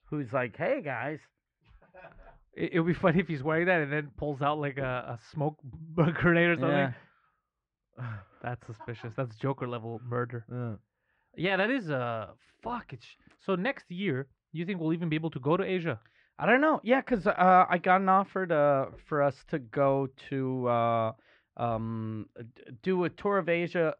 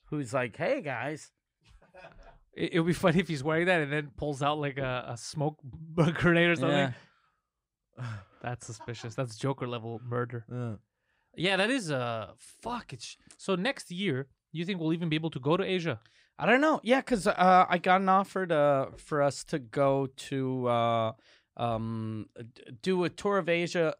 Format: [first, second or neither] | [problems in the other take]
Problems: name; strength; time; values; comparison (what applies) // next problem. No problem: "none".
second | muffled; very; fading above 2 kHz